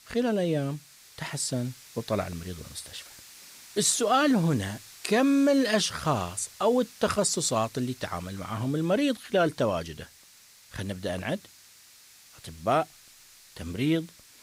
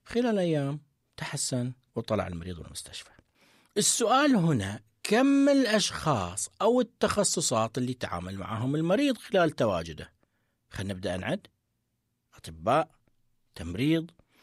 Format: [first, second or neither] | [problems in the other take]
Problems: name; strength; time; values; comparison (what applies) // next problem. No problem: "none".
second | hiss; faint; throughout; 20 dB below the speech